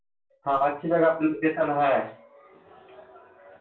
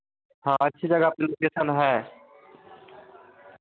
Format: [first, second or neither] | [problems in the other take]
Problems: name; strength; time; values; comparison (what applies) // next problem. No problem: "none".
second | room echo; dies away in 0.3 s